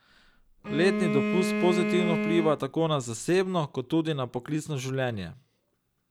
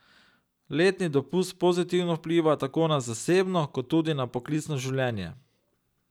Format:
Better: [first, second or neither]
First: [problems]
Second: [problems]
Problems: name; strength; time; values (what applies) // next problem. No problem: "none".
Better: second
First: background sound (Bowed string instrument); 2 dB below the speech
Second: none